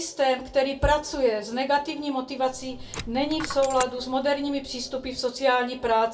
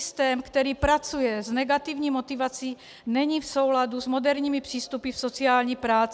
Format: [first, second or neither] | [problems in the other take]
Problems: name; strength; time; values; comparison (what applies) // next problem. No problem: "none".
second | background sound (Coin (dropping)); 13 dB below the speech // room echo; dies away in 0.2 s